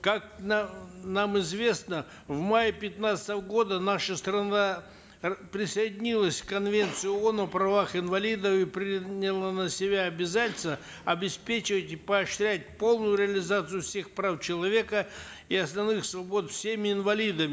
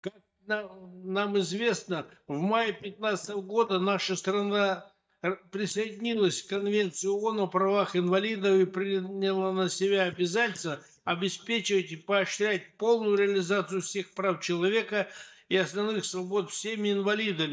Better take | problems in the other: first | noise reduction (neural mask model DeepFilterNet 3)

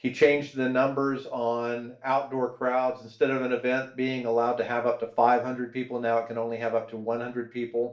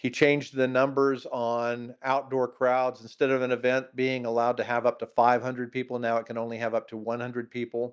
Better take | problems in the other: second | room echo; dies away in 0.3 s

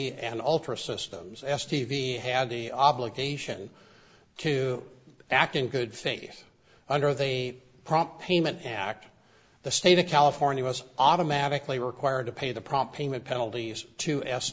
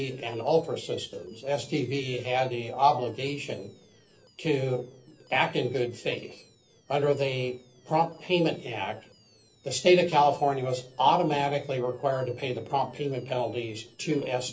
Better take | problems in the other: first | noise reduction (neural separator model SepFormer DNS4)

